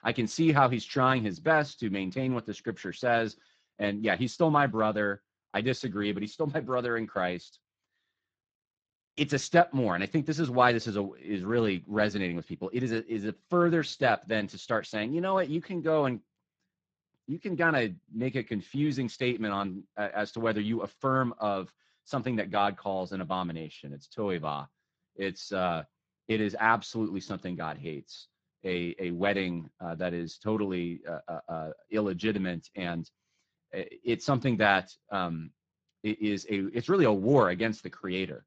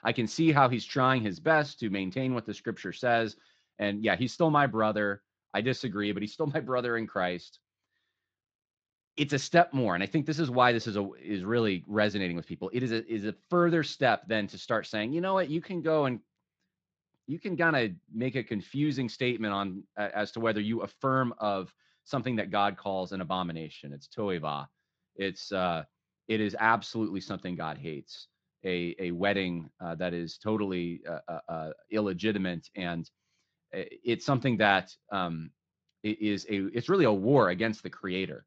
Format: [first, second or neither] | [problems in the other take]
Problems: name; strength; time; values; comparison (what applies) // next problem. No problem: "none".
second | garbled, watery; badly; slightly in the second